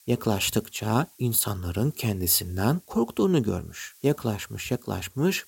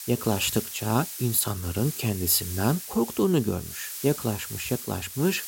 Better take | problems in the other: first | hiss; loud; throughout; 9 dB below the speech; faint in the first

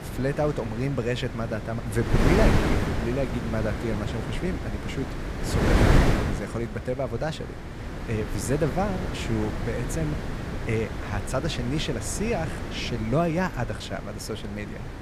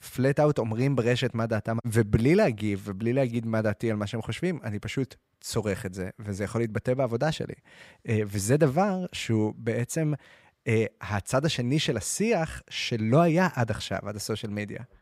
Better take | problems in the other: second | wind noise on the microphone; heavy; 2 dB below the speech

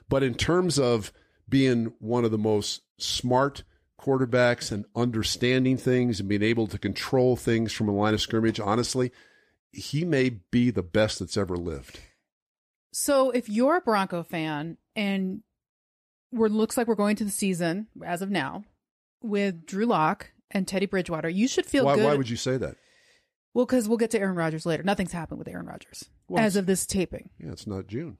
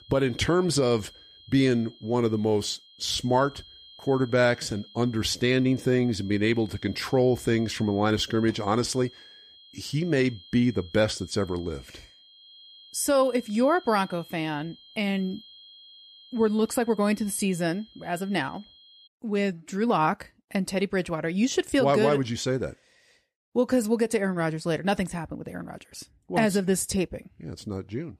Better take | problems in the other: first | high-pitched whine; faint; until 19 s; 3 kHz, 25 dB below the speech

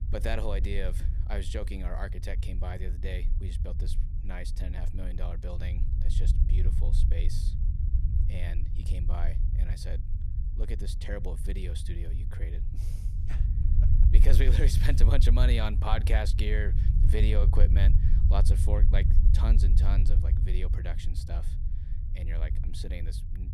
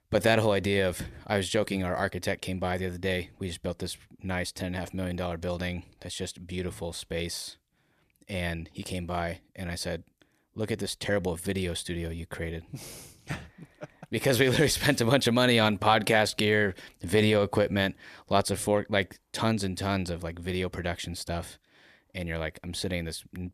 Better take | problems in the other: second | low rumble; loud; throughout; 7 dB below the speech

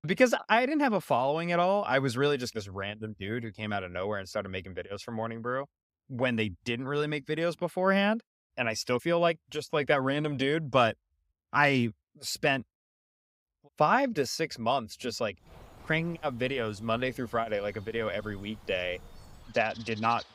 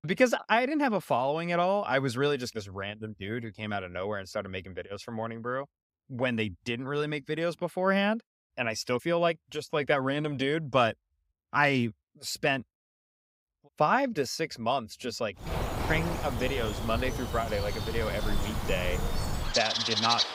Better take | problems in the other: first | animal sounds; loud; from 15 s on; 2 dB below the speech; faint in the first

